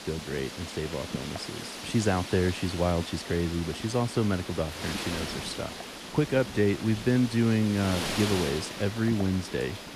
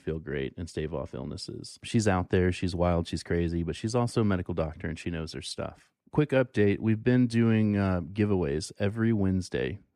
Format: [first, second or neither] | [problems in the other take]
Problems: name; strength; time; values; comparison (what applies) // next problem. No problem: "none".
second | wind noise on the microphone; heavy; 4 dB below the speech